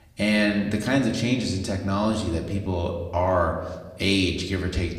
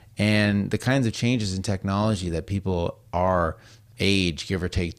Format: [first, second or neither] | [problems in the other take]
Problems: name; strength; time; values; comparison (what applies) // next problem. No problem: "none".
second | room echo; slight; dies away in 0.9 s // off-mic speech; somewhat distant